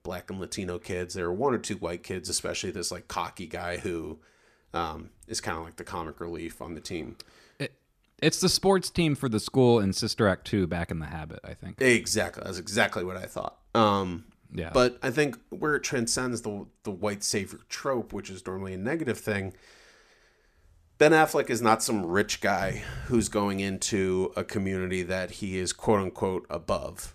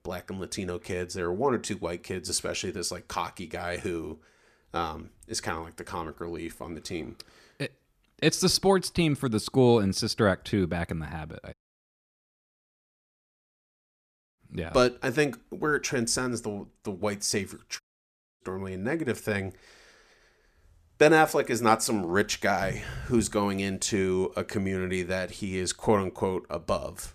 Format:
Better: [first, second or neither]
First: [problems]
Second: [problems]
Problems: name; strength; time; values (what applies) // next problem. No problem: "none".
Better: first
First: none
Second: audio cutting out; at 12 s for 3 s and at 18 s for 0.5 s